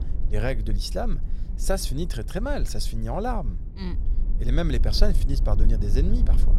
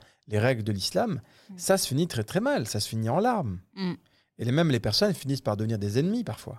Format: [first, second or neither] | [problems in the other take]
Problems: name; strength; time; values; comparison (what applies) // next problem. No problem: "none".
second | low rumble; noticeable; throughout; 15 dB below the speech